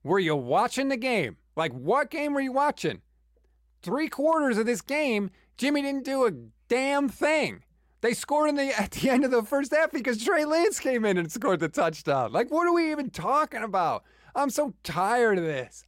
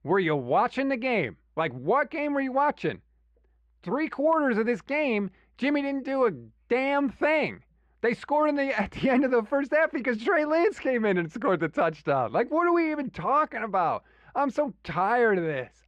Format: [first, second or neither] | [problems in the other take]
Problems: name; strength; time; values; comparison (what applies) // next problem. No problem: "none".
first | muffled; slightly; fading above 2.5 kHz